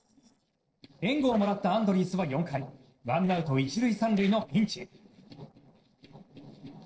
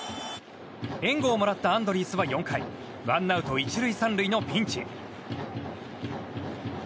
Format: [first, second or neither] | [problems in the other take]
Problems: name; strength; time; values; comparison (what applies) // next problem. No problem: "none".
second | noise reduction (neural separator model SepFormer DNS4)